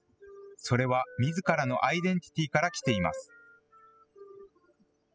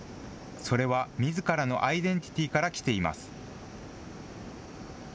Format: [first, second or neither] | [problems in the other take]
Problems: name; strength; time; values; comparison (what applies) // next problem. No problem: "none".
second | noise reduction (classical method spectral subtraction)